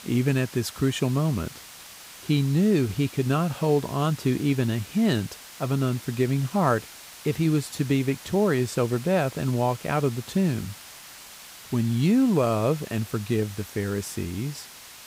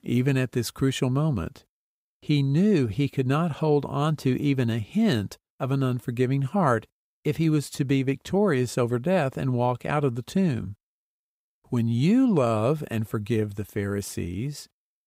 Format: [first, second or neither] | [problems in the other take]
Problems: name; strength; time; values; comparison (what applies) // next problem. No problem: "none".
second | hiss; noticeable; throughout; 15 dB below the speech